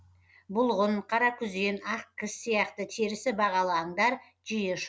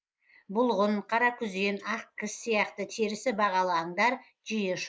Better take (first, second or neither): first